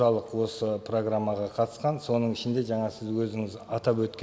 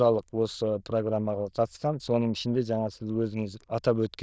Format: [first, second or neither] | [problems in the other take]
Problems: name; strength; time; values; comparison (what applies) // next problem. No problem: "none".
first | noise reduction (neural diffusion model UNIVERSE++)